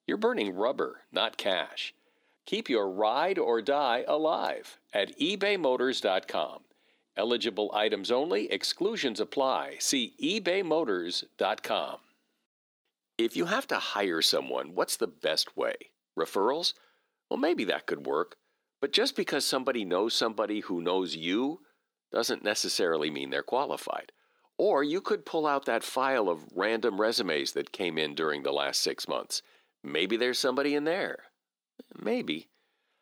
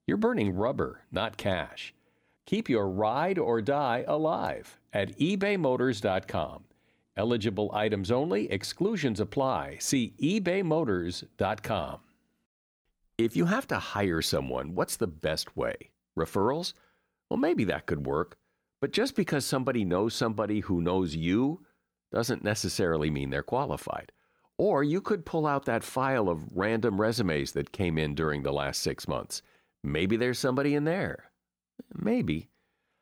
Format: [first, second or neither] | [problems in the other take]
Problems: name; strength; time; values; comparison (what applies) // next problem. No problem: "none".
second | thin; very slightly; fading below 300 Hz